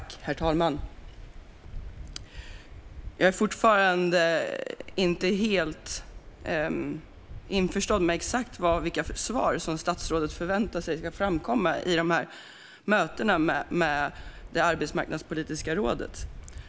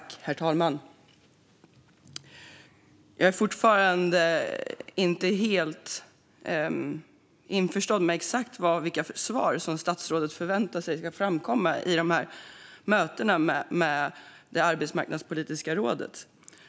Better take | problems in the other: second | background sound (Waves, surf); 14 dB below the speech

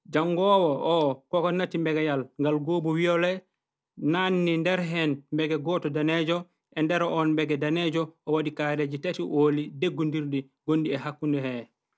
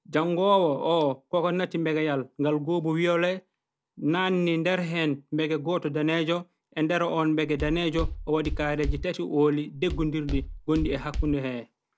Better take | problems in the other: first | background sound (Walk, footsteps); 6 dB below the speech

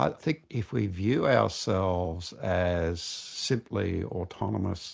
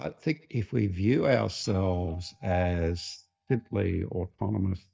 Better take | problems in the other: first | noise reduction (neural mask model DeepFilterNet 3)

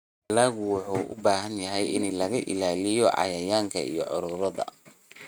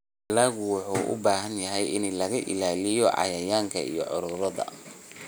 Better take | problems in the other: second | noise reduction (neural mask model RNNoise)

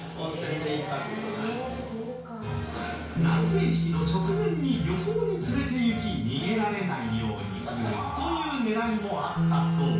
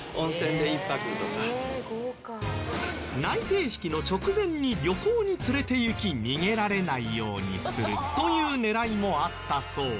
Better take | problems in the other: second | background sound (Bass guitar); 2 dB below the speech // room echo; dies away in 0.5 s

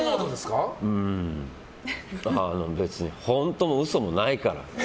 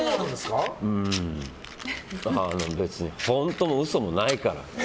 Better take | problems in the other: first | background sound (Fire); 13 dB below the speech

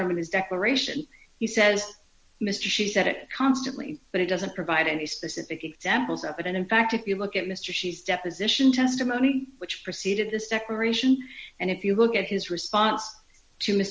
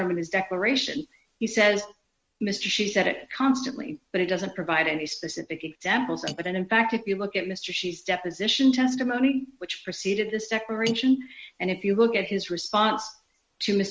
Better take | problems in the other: first | noise reduction (neural mask model RNNoise)

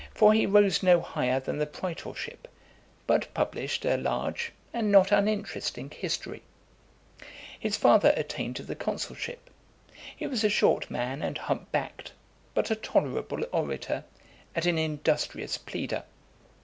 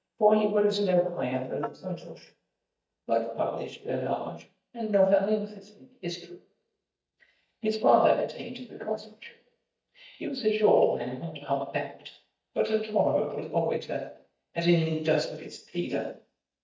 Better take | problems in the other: first | noise reduction (neural mask model DeepFilterNet 3)

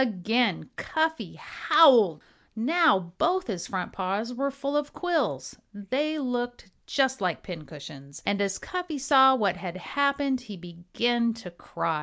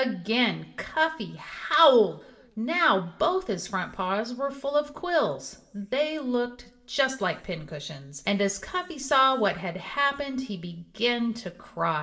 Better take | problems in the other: first | room echo; dies away in 0.8 s

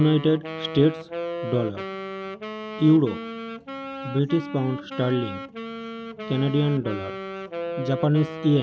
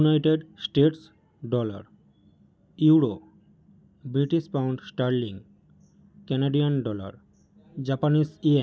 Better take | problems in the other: second | background sound (Wind instrument, woodwind instrument); 9 dB below the speech

